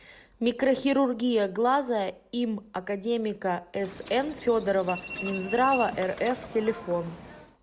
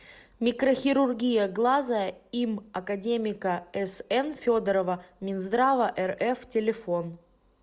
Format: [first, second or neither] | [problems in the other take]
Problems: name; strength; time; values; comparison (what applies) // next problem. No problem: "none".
second | background sound (Subway, metro, underground); 12 dB below the speech